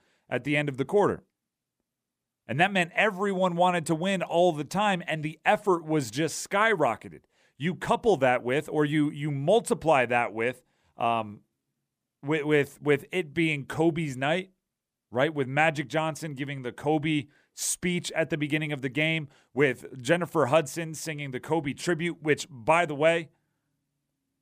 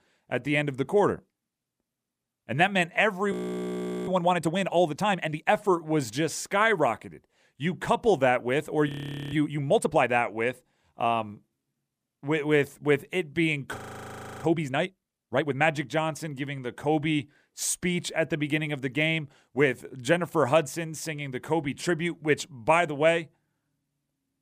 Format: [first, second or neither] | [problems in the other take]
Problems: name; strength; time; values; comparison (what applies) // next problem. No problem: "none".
first | audio freezing; at 3.5 s for 1 s, at 9 s and at 14 s for 0.5 s